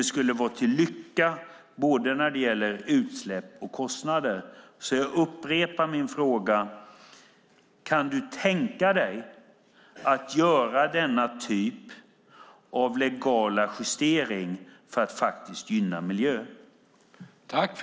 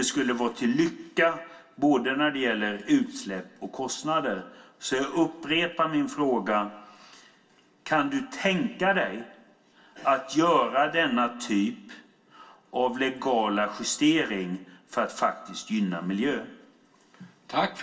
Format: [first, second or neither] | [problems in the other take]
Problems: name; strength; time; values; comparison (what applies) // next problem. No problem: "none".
first | room echo; dies away in 0.2 s